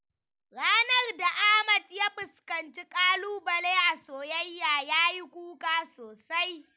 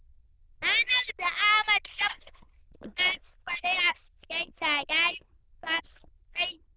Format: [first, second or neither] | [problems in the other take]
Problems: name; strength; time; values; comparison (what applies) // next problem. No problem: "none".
first | noise reduction (neural diffusion model UNIVERSE++)